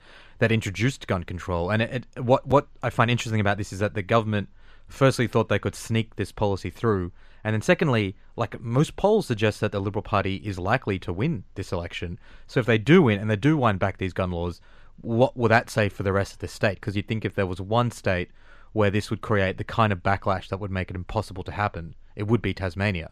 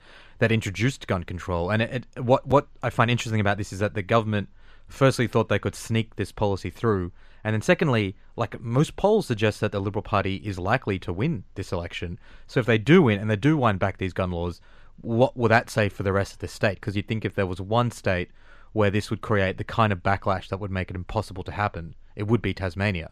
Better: neither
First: none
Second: none

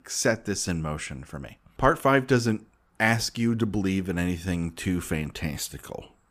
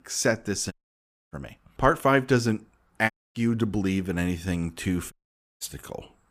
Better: first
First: none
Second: audio cutting out; at 0.5 s for 0.5 s, at 3 s and at 5 s

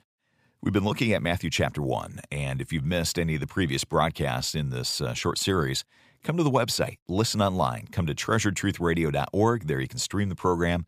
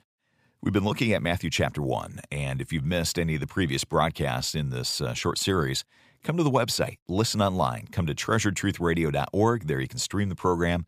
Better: neither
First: none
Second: none

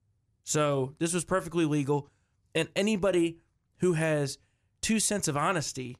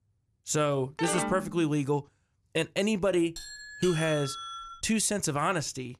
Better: first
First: none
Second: phone ringing; noticeable; at 1 s; peak 2 dB below the speech // doorbell; noticeable; from 3.5 to 5 s; peak 8 dB below the speech

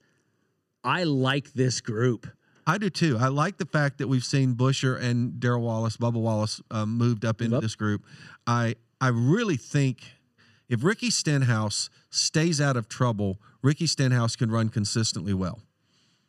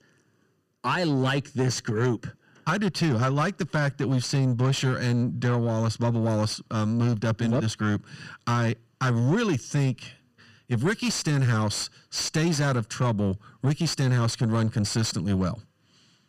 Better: first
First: none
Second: distortion; slight; 10 dB below the speech

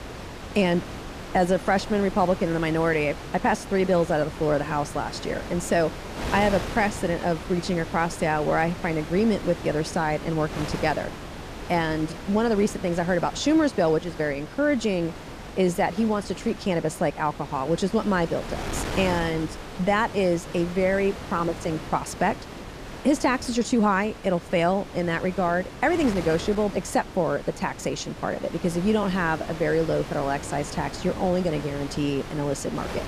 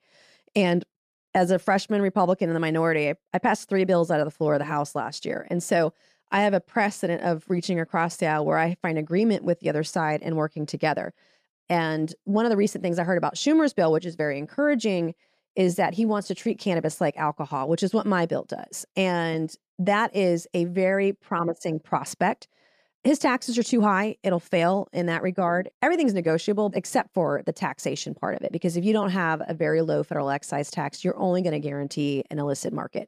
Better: second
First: wind noise on the microphone; occasional gusts; 10 dB below the speech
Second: none

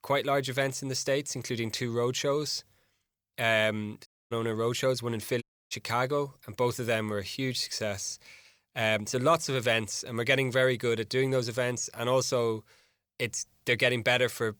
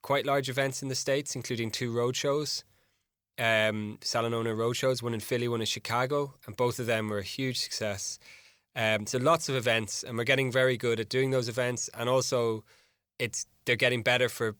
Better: second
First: audio cutting out; at 4 s and at 5.5 s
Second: none

